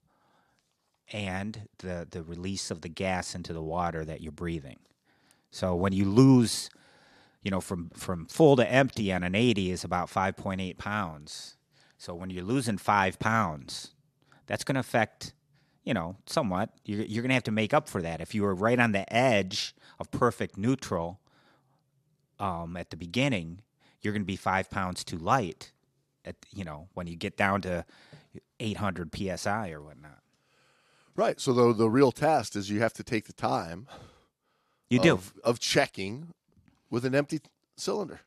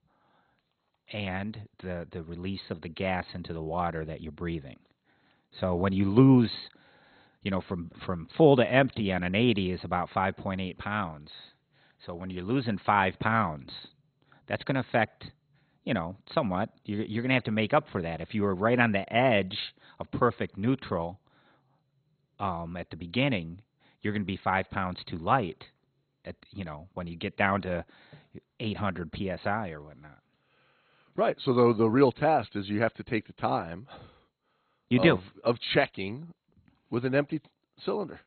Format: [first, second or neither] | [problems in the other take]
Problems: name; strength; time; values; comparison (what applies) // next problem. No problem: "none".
first | garbled, watery; badly; nothing above 4 kHz